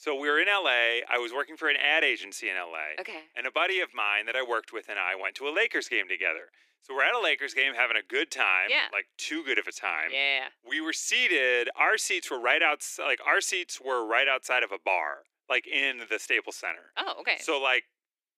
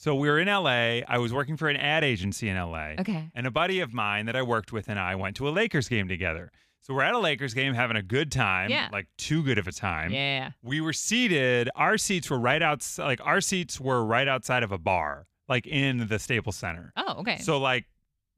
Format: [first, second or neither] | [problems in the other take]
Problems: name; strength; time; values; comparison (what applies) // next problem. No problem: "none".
second | thin; very; fading below 300 Hz